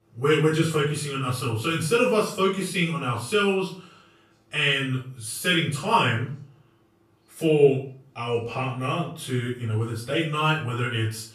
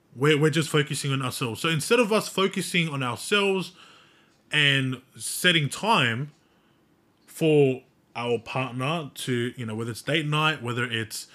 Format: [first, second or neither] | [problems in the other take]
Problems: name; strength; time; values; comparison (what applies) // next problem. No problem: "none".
second | room echo; slight; dies away in 0.4 s // off-mic speech; far